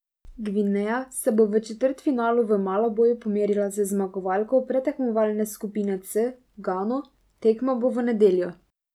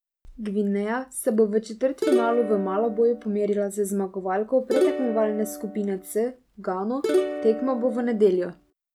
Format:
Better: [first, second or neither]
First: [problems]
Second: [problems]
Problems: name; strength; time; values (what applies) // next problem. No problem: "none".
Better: first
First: none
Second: background sound (Plucked string instrument); 4 dB below the speech